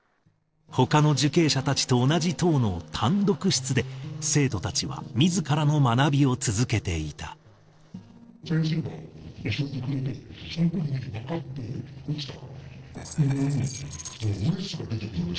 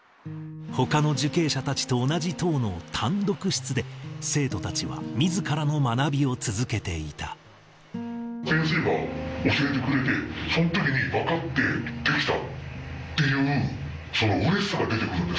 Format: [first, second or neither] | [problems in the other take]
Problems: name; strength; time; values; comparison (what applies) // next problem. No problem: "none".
second | noise reduction (neural separator model SepFormer DNS4)